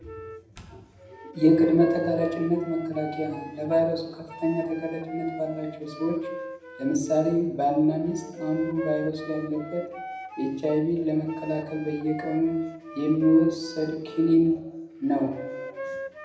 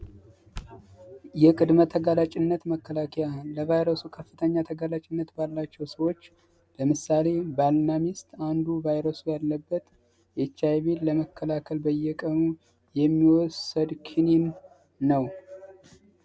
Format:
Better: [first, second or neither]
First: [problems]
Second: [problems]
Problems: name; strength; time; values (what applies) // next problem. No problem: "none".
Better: second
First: background sound (Wind instrument, woodwind instrument); 14 dB below the speech // room echo; dies away in 0.8 s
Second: none